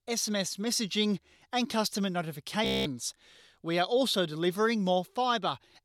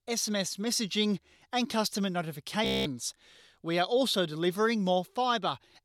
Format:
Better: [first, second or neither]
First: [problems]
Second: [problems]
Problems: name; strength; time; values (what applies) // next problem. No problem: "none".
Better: neither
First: audio freezing; at 2.5 s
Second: audio freezing; at 2.5 s